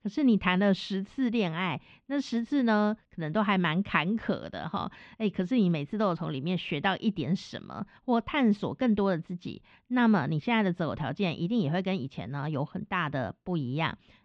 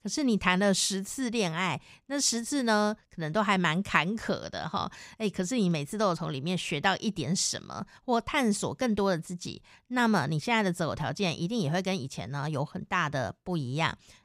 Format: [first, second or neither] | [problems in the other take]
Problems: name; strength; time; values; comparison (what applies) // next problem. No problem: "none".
second | muffled; slightly; fading above 3.5 kHz